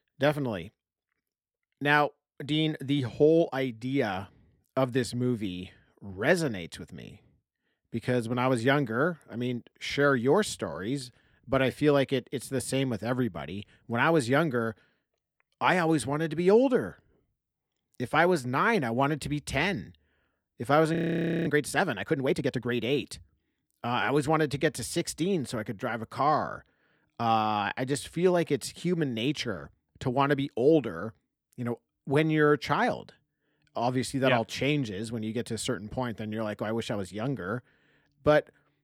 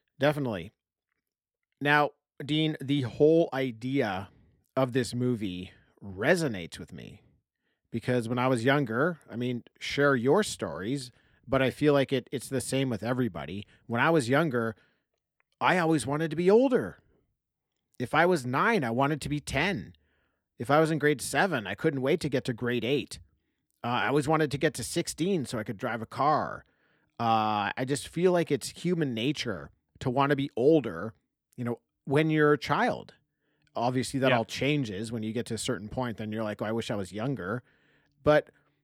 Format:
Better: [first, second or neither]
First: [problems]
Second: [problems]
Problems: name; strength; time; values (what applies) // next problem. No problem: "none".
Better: second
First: audio freezing; at 21 s for 0.5 s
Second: none